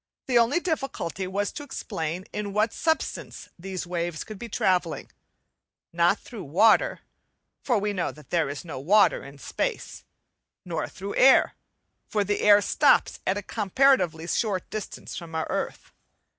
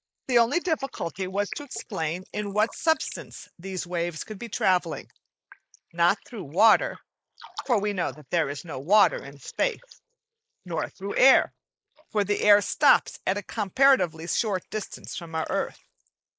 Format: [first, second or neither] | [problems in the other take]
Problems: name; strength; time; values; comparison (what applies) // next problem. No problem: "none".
first | noise reduction (neural mask model Resemble Enhance denoiser)